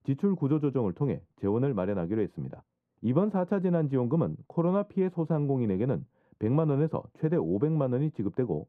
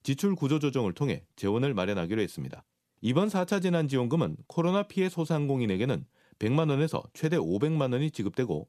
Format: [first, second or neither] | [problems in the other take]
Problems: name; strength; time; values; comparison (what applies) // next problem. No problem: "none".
second | muffled; very; fading above 2.5 kHz